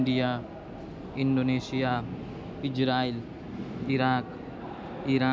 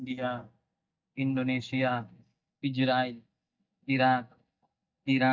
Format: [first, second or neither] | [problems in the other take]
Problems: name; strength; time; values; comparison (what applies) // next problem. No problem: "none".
first | noise reduction (neural mask model DeepFilterNet 3)